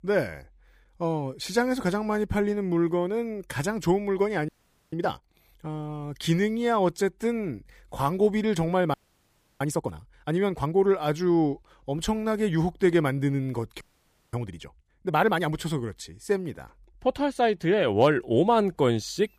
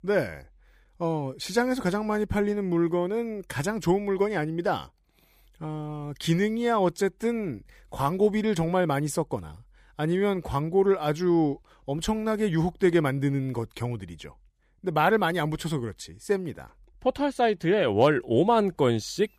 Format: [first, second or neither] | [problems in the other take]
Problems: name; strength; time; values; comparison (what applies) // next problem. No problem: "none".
second | audio freezing; at 4.5 s, at 9 s for 0.5 s and at 14 s for 0.5 s